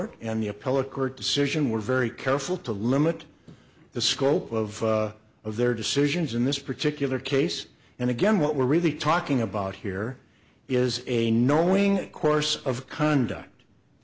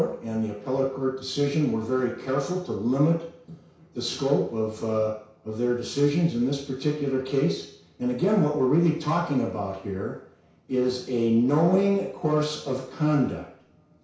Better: first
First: none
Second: room echo; dies away in 0.6 s

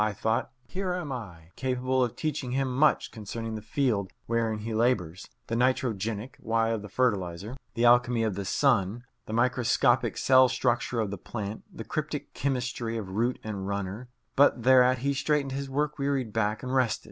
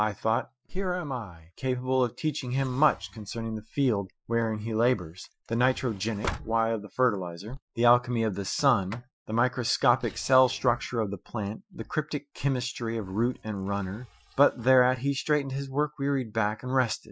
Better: first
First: none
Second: noise reduction (classical method Wiener filter)

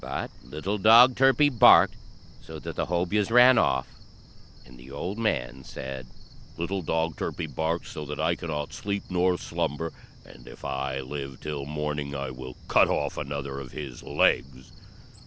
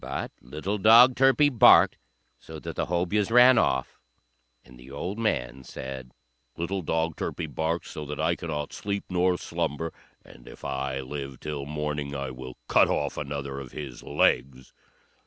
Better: second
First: background sound (Cricket); 17 dB below the speech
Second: none

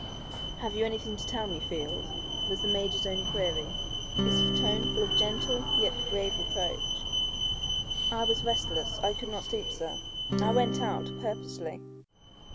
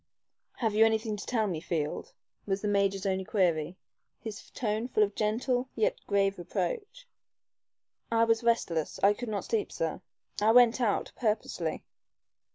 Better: second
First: background sound (Alarm + Acoustic guitar / Strum); 3 dB above the speech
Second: none

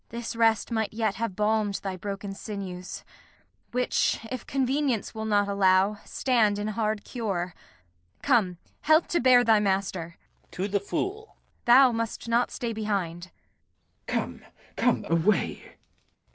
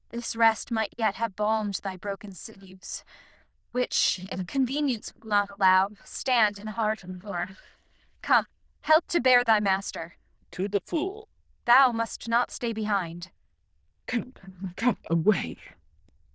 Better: first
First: none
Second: noise reduction (neural diffusion model UNIVERSE++)

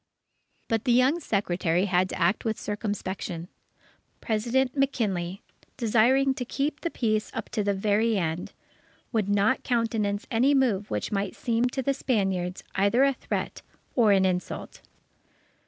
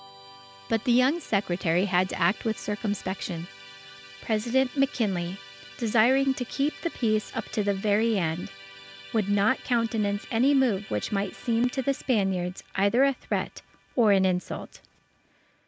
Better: first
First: none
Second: background sound (Musical instrument); 20 dB below the speech

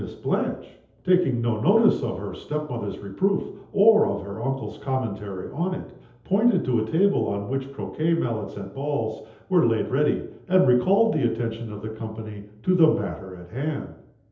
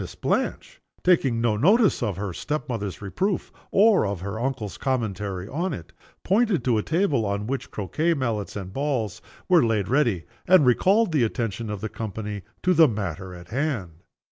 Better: second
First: room echo; dies away in 0.8 s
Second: none

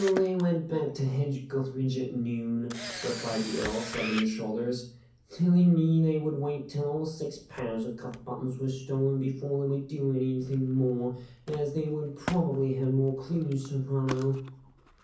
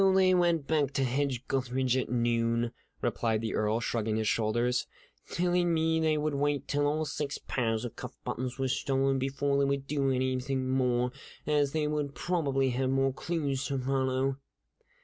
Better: second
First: background sound (Camera); 15 dB below the speech // room echo; dies away in 0.6 s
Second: none

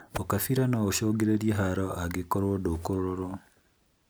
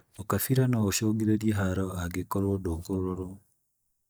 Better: first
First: none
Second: noise reduction (neural mask model DeepFilterNet 3)

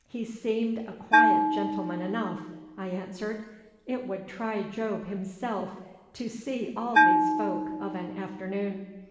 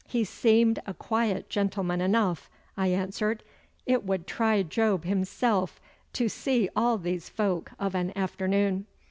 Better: second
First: background sound (Bell); 4 dB above the speech // room echo; dies away in 1.4 s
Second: none

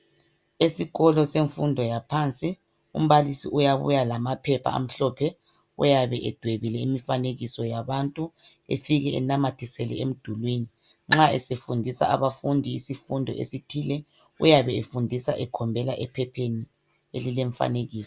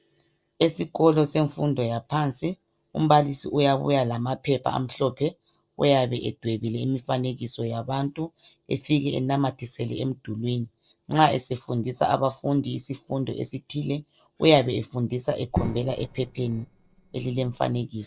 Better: first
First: none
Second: noise reduction (neural separator model SepFormer DNS4)

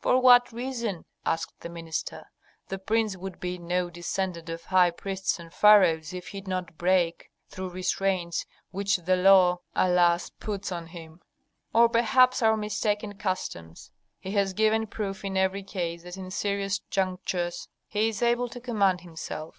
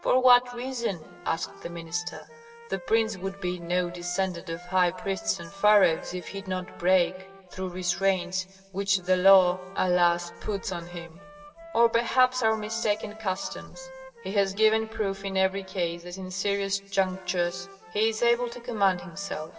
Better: first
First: none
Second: background sound (Wind instrument, woodwind instrument); 20 dB below the speech // room echo; dies away in 2.9 s

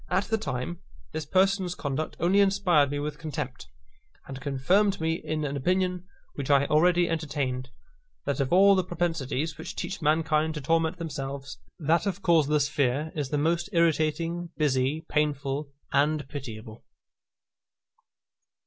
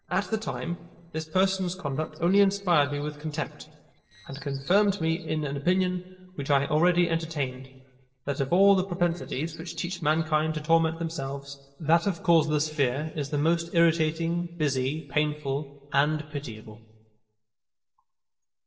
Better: first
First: none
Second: noise reduction (neural separator model SepFormer DNS4)

